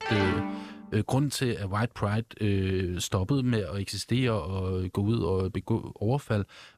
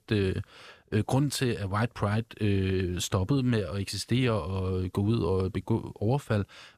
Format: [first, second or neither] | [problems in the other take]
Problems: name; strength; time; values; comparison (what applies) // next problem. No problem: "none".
second | phone ringing; noticeable; at the start; peak level with the speech